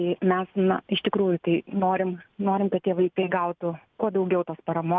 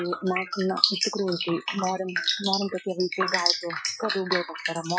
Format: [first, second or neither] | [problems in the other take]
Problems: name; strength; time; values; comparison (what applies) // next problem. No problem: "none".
first | noise reduction (classical method Wiener filter)